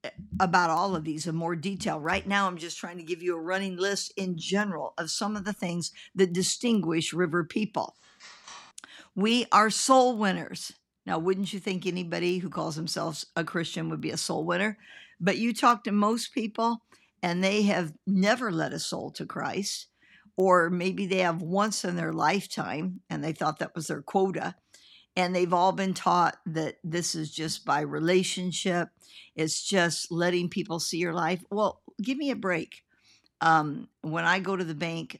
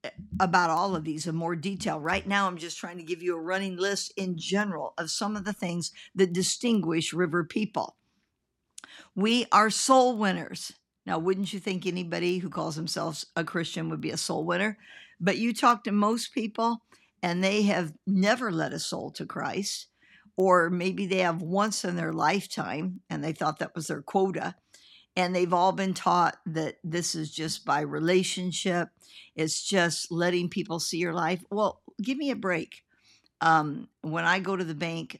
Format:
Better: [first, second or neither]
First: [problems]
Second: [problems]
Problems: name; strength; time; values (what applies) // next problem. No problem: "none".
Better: second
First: phone ringing; faint; at 8 s; peak 15 dB below the speech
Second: none